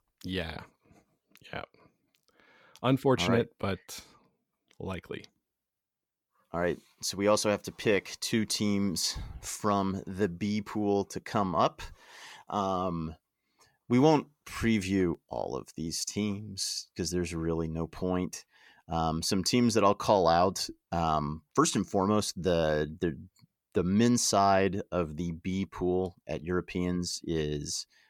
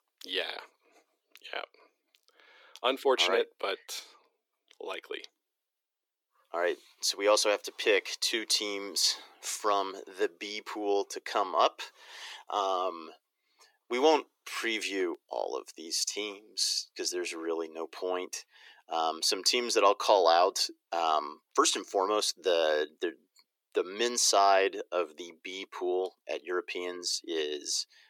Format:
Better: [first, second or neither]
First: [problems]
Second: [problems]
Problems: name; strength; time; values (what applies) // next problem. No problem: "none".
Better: first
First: none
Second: thin; very; fading below 350 Hz